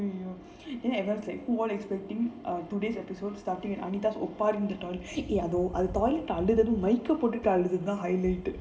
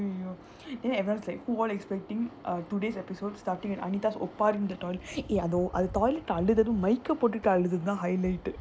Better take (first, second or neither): second